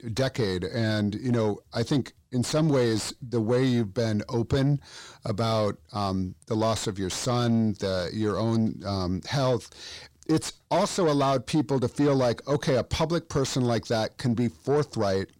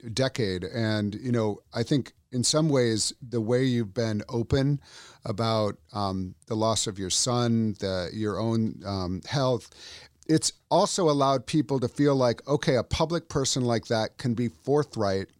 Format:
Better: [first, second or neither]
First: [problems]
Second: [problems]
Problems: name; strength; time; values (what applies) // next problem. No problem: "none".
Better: second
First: distortion; slight; 10 dB below the speech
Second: none